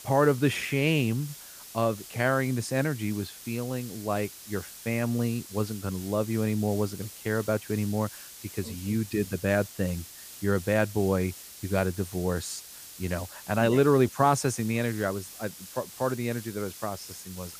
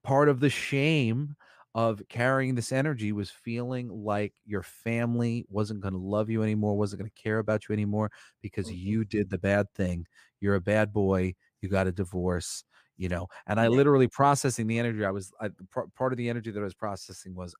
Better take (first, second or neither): second